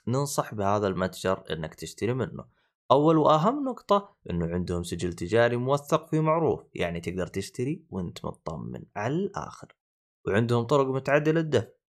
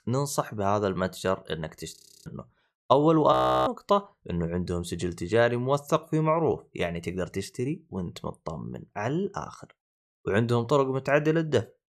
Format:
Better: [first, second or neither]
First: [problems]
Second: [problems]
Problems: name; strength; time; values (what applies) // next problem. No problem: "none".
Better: first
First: none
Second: audio freezing; at 2 s and at 3.5 s